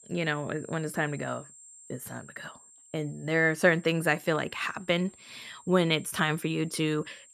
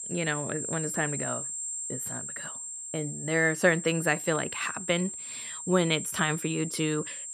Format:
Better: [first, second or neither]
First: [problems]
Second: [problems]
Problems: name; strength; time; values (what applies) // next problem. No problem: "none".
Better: first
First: high-pitched whine; faint; throughout; 7.5 kHz, 25 dB below the speech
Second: high-pitched whine; loud; throughout; 7.5 kHz, 6 dB below the speech